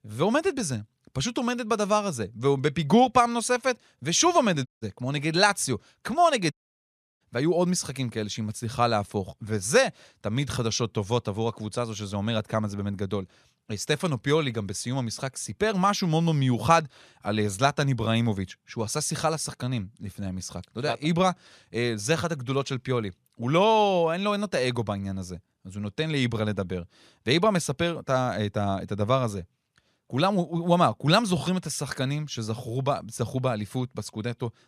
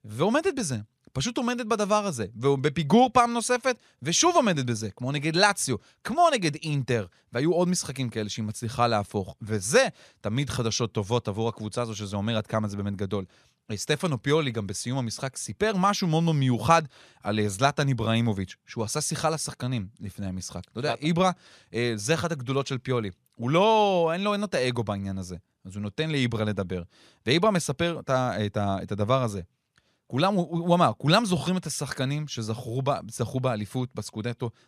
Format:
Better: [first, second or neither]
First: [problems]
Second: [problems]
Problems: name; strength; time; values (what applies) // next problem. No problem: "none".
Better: second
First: audio cutting out; at 4.5 s and at 6.5 s for 0.5 s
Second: none